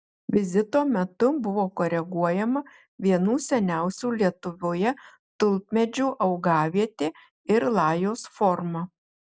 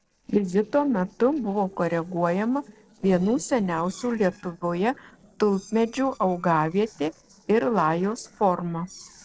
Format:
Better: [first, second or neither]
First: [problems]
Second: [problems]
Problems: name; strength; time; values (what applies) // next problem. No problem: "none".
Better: first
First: none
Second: noise reduction (neural separator model SepFormer DNS4)